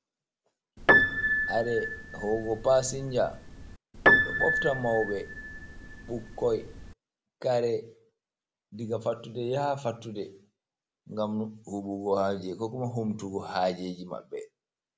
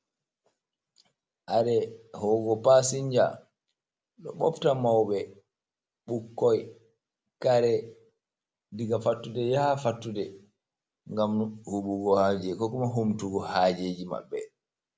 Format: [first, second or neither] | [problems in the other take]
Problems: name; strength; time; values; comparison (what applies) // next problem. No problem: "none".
second | background sound (Piano); 3 dB above the speech